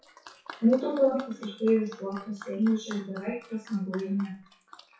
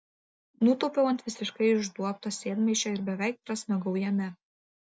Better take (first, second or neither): second